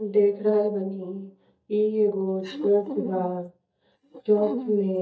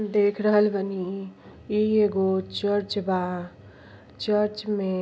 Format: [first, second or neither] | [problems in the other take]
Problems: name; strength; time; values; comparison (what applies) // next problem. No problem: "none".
second | noise reduction (neural mask model DeepFilterNet 3)